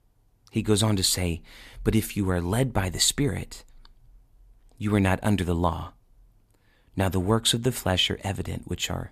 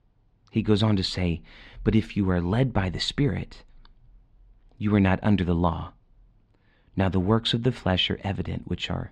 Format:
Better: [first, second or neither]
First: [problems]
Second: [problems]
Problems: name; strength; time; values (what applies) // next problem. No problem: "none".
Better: first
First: none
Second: muffled; very slightly; fading above 4 kHz